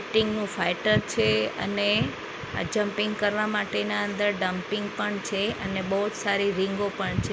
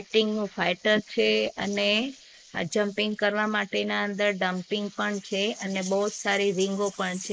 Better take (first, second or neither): first